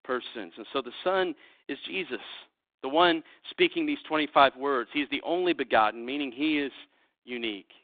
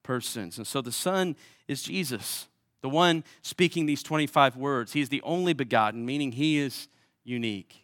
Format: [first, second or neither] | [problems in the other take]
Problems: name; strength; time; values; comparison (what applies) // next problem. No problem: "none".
second | phone-call audio; nothing above 3.5 kHz